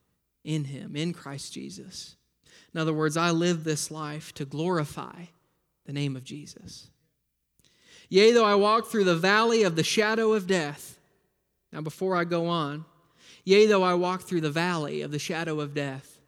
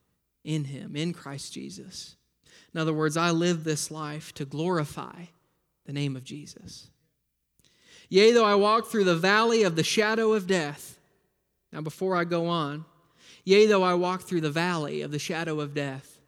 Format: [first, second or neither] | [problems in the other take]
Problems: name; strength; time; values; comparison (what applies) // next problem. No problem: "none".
neither | none